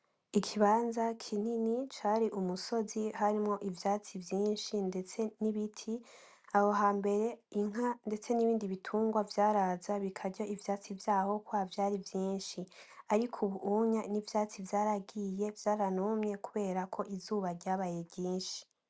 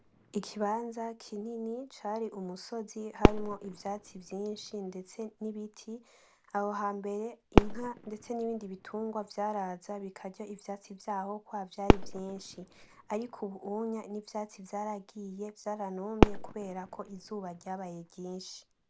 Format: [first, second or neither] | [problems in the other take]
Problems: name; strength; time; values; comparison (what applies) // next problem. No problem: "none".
first | background sound (Fireworks); 4 dB above the speech